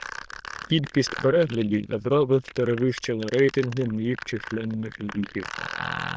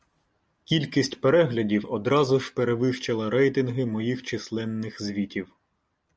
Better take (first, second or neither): second